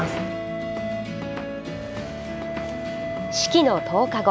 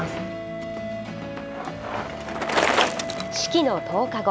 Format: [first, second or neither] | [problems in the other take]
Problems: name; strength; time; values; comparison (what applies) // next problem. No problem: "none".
first | background sound (Bicycle); 2 dB below the speech